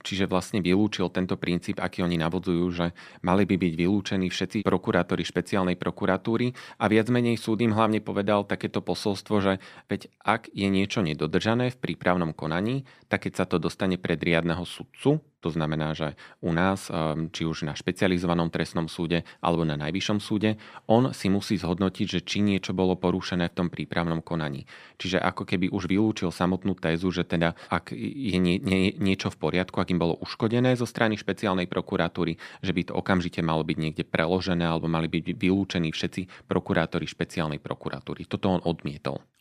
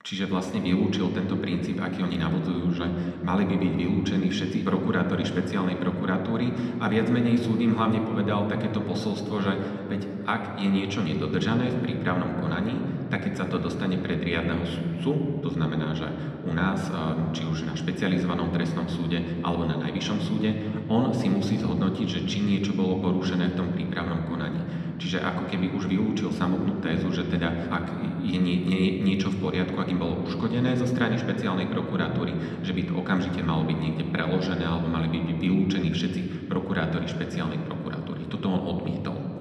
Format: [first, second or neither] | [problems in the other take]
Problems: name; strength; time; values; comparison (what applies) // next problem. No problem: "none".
first | room echo; noticeable; dies away in 3 s